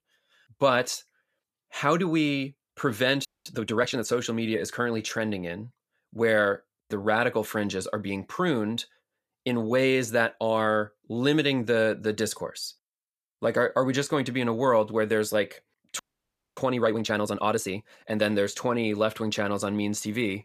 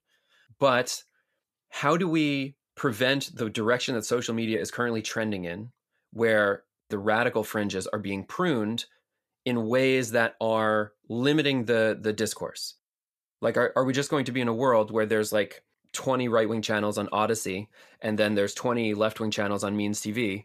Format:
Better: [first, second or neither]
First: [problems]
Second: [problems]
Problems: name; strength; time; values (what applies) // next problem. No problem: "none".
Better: second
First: audio freezing; at 3.5 s and at 16 s for 0.5 s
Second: none